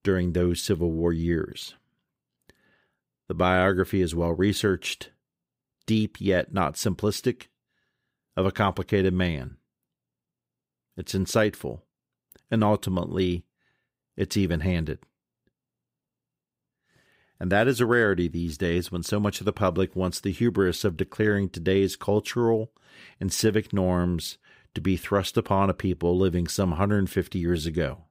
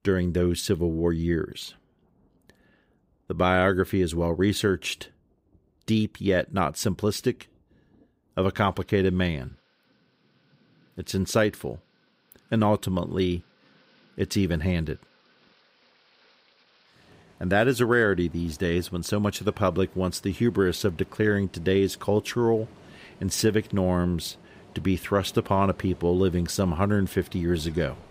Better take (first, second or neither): first